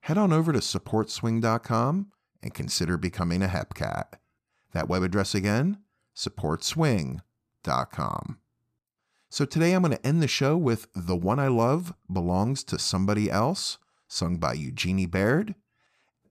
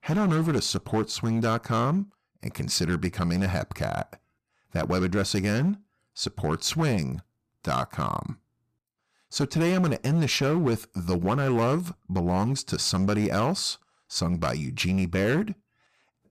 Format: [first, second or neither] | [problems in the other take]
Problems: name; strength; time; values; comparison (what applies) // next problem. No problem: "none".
first | distortion; slight; 7% of the sound clipped